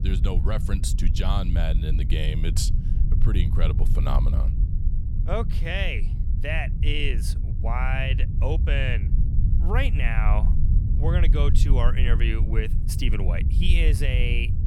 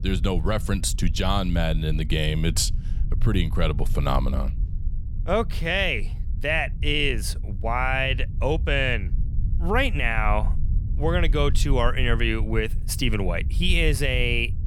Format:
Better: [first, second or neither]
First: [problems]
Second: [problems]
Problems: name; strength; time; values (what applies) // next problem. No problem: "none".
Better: second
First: low rumble; loud; throughout; 9 dB below the speech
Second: low rumble; faint; throughout; 20 dB below the speech